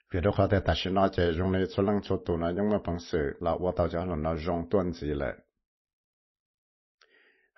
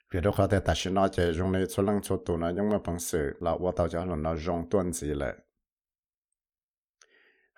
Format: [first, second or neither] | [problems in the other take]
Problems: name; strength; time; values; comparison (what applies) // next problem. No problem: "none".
second | garbled, watery; slightly; nothing above 6 kHz